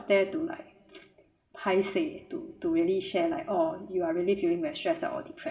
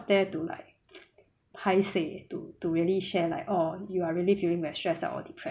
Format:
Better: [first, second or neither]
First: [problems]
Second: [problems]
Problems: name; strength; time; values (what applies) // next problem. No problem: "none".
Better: second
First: room echo; dies away in 1.6 s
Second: none